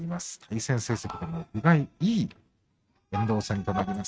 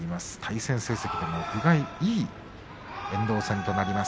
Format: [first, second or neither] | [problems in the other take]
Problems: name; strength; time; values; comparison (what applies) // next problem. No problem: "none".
second | noise reduction (neural mask model RNNoise)